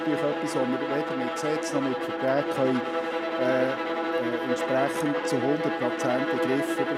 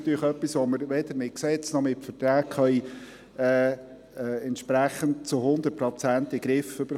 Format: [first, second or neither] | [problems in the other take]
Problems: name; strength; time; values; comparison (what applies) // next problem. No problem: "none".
second | background sound (Bowed string instrument); as loud as the speech